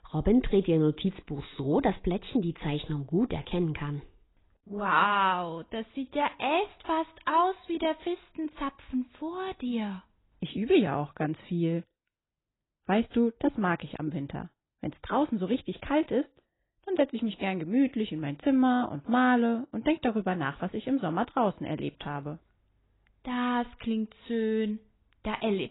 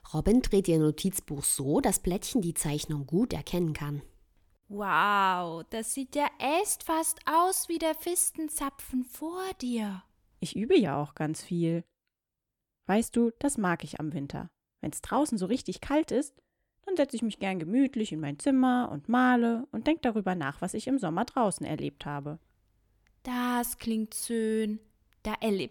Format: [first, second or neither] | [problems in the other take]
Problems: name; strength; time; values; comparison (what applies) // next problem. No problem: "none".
second | garbled, watery; badly; nothing above 4 kHz